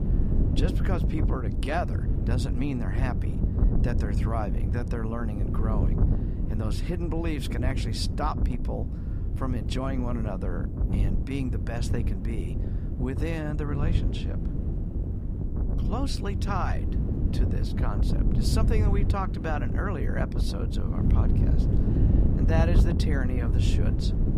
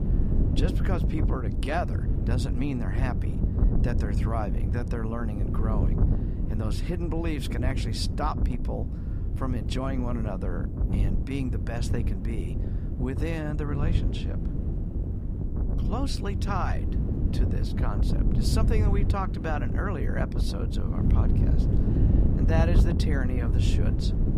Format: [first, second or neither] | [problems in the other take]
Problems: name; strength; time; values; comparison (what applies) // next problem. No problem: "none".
neither | wind noise on the microphone; heavy; 4 dB below the speech; the same in both